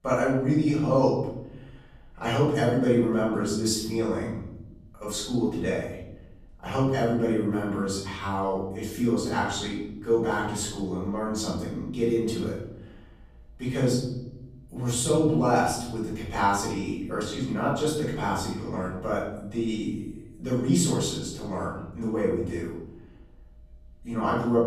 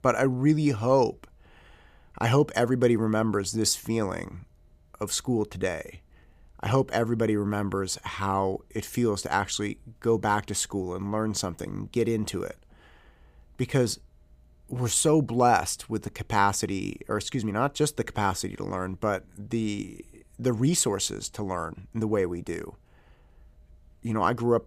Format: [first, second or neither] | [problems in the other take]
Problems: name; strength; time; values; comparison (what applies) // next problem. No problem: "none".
second | off-mic speech; far // room echo; noticeable; dies away in 0.9 s